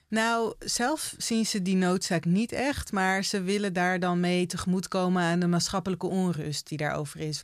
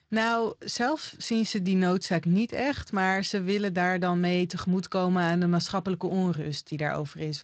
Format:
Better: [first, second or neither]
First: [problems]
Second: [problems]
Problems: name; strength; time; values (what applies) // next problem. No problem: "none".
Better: first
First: none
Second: garbled, watery; slightly; nothing above 7.5 kHz